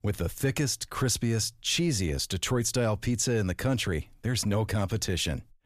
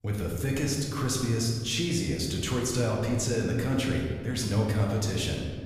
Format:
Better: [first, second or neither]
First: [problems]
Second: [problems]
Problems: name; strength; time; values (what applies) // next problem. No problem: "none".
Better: first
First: none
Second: room echo; noticeable; dies away in 1.6 s // off-mic speech; somewhat distant